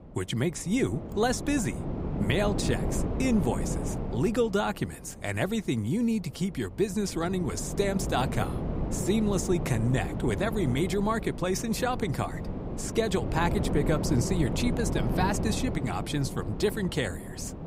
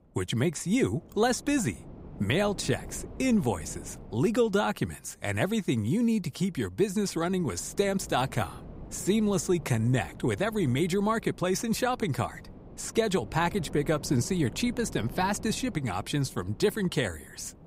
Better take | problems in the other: second | wind noise on the microphone; heavy; 7 dB below the speech; occasional gusts in the second

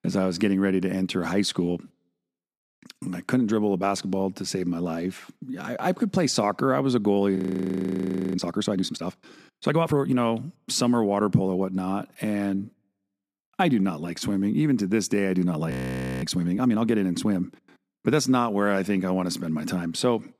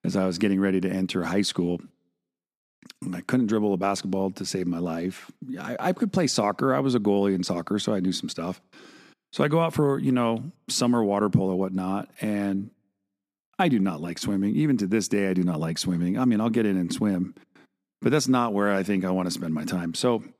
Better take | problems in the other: second | audio freezing; at 7.5 s for 1 s and at 16 s for 0.5 s

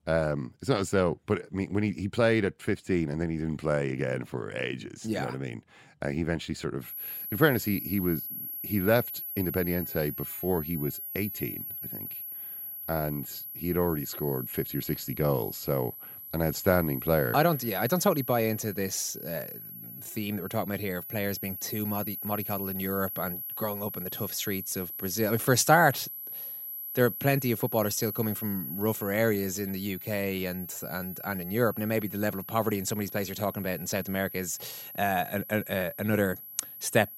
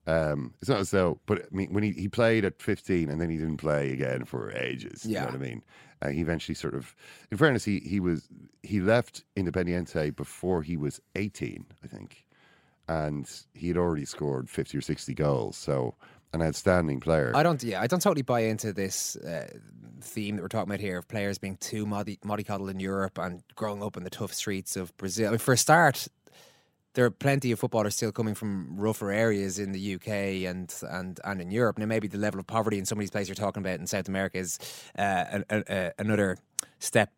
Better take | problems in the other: second | high-pitched whine; loud; from 7 s on; 11.5 kHz, 7 dB below the speech

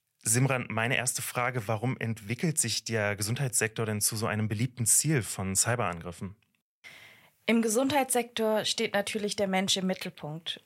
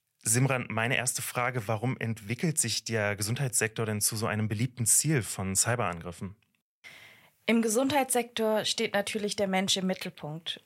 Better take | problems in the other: neither | none

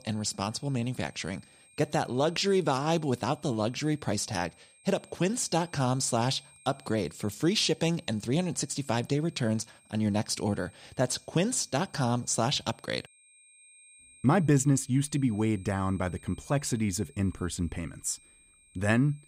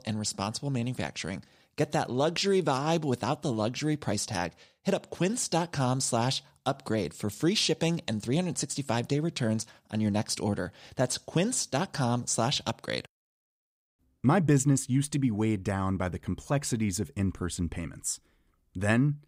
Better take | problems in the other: second | high-pitched whine; faint; throughout; 8.5 kHz, 25 dB below the speech

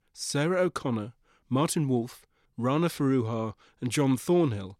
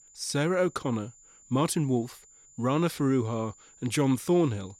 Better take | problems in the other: first | high-pitched whine; faint; throughout; 7 kHz, 25 dB below the speech

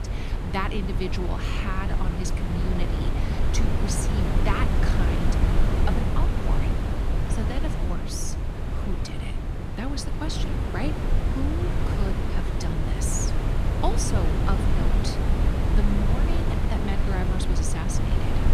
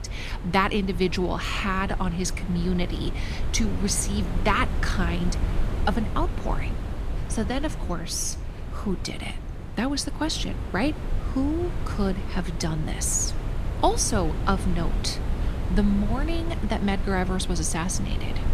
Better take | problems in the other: second | wind noise on the microphone; heavy; 1 dB above the speech; occasional gusts in the second

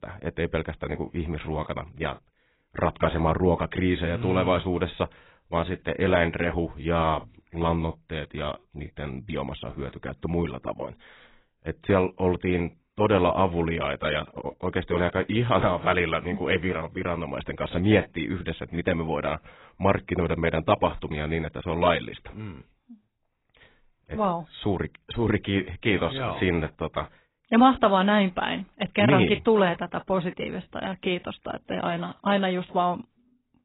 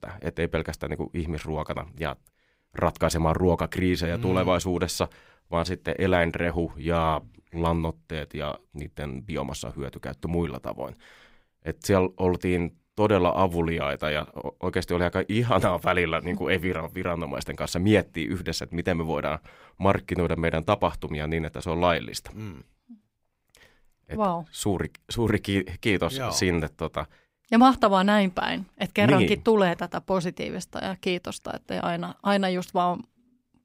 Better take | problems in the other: second | garbled, watery; badly; nothing above 4 kHz

